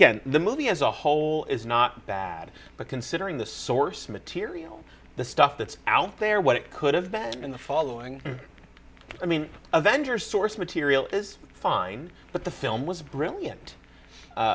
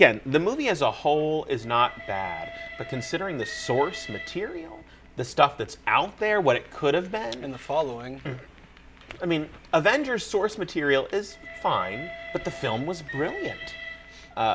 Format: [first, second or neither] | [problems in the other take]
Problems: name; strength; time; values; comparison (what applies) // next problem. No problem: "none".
first | background sound (Train); 16 dB below the speech